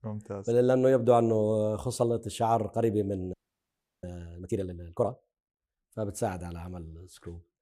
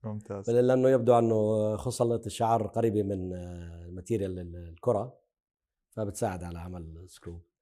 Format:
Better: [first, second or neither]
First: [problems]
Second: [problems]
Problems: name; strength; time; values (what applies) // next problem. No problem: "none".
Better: second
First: audio freezing; at 3.5 s for 0.5 s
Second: none